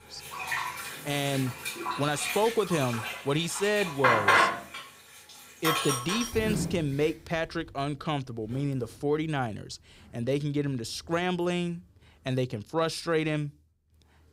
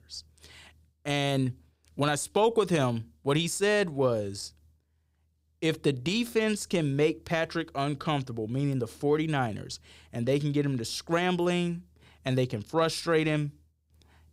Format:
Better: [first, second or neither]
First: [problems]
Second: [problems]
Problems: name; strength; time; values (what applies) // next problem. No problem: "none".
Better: second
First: household noises; very loud; throughout; as loud as the speech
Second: none